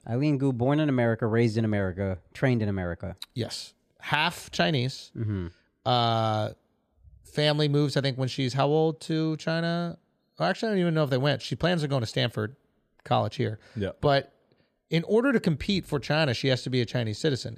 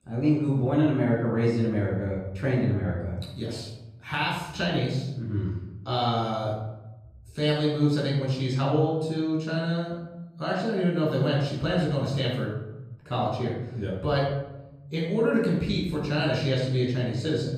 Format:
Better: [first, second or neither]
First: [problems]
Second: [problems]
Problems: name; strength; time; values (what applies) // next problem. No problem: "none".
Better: first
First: none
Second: off-mic speech; far // room echo; noticeable; dies away in 1 s